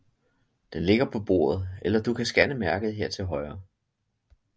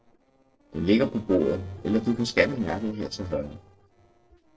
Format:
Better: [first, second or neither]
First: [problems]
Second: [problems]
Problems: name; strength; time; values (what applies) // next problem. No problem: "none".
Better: first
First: none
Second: noise reduction (neural separator model SepFormer DNS4)